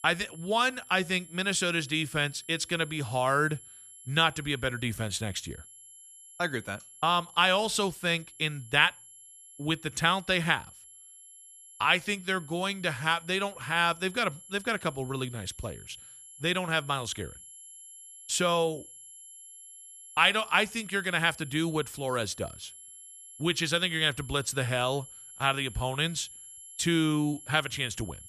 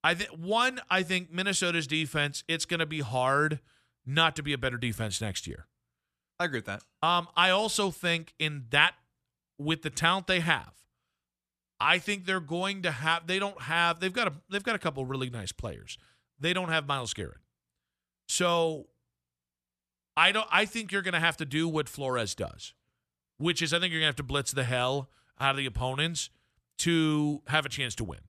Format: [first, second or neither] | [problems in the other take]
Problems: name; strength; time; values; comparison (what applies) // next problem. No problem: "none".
second | high-pitched whine; noticeable; throughout; 11 kHz, 20 dB below the speech